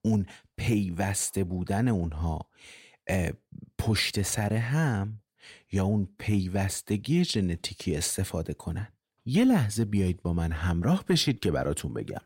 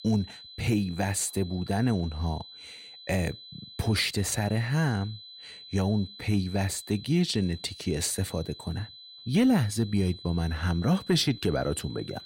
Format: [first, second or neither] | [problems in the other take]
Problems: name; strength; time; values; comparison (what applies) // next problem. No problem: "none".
first | high-pitched whine; noticeable; throughout; 4 kHz, 15 dB below the speech